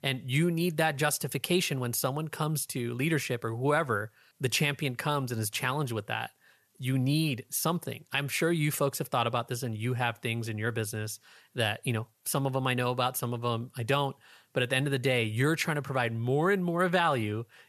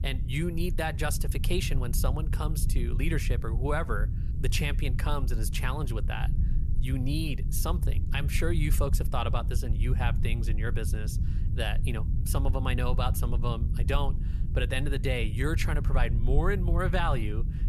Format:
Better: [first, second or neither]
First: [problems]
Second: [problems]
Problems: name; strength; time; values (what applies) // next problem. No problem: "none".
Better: first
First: none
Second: low rumble; noticeable; throughout; 10 dB below the speech